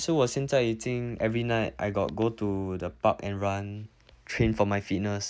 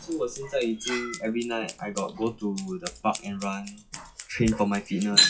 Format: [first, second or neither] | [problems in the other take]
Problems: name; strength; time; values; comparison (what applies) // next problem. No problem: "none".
first | noise reduction (classical method WPE with log-MMSE)